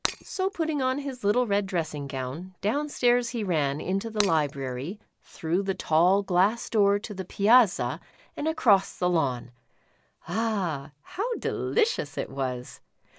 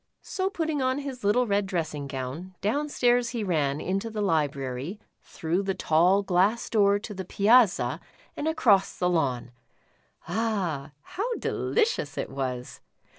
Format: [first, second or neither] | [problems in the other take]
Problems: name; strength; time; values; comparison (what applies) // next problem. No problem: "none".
second | background sound (Shatter); 8 dB below the speech